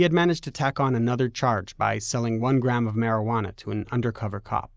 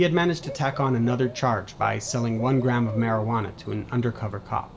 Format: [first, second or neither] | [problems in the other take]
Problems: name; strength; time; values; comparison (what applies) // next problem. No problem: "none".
first | background sound (Cricket / Bird); 16 dB below the speech // room echo; dies away in 0.3 s